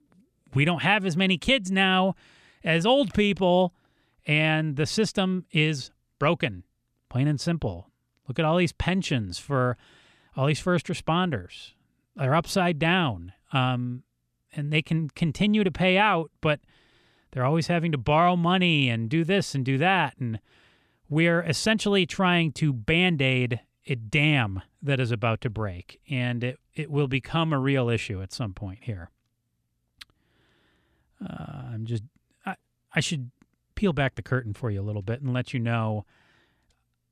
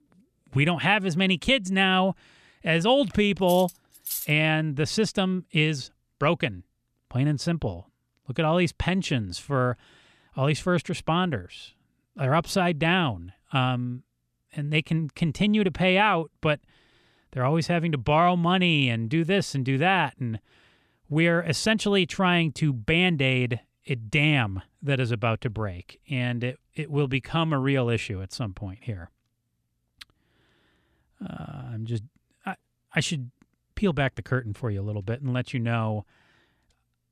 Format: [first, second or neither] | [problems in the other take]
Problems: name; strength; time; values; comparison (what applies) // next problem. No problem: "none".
first | clattering dishes; noticeable; at 3.5 s; peak 6 dB below the speech